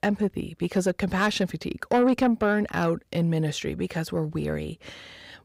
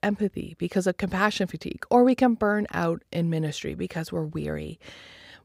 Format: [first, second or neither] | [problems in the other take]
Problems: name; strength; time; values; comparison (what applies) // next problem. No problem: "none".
second | distortion; slight; 10 dB below the speech